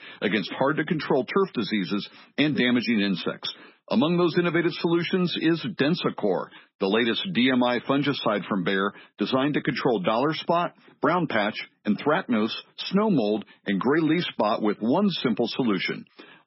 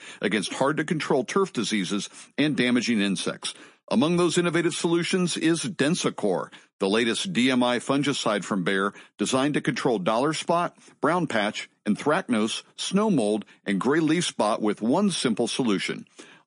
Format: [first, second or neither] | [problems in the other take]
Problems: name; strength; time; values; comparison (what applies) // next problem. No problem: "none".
second | garbled, watery; badly; nothing above 5.5 kHz; slightly in the second